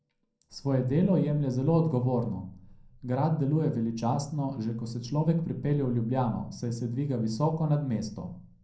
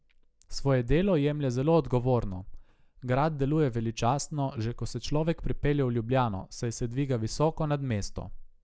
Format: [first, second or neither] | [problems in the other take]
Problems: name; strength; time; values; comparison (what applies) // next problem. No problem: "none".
second | room echo; dies away in 0.6 s